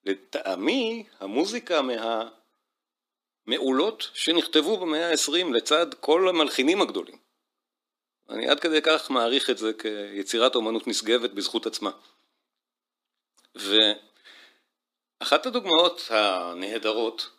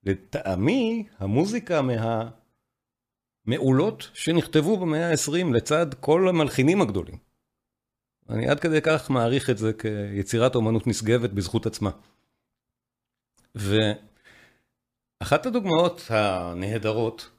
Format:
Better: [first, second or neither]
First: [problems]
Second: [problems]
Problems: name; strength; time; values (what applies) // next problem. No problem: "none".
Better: second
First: thin; somewhat; fading below 250 Hz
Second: none